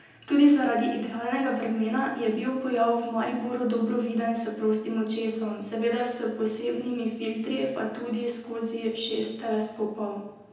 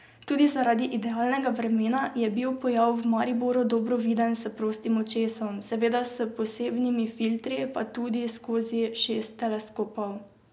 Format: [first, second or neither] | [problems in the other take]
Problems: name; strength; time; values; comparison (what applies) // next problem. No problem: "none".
second | room echo; dies away in 0.9 s